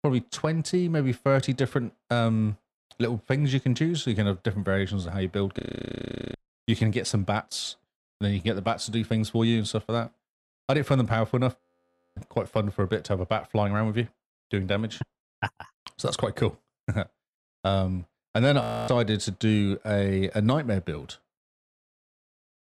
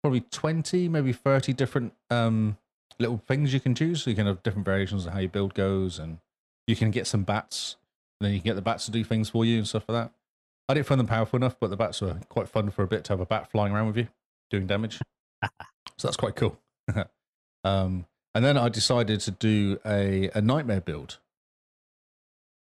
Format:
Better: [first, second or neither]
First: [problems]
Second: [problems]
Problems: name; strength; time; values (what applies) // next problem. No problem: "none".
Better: second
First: audio freezing; at 5.5 s for 1 s, at 12 s for 0.5 s and at 19 s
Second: none